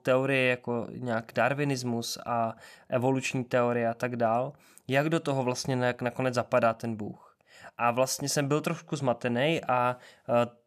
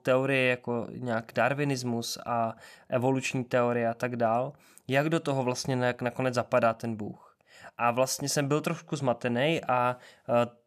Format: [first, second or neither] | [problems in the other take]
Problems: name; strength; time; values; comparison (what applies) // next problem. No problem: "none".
neither | none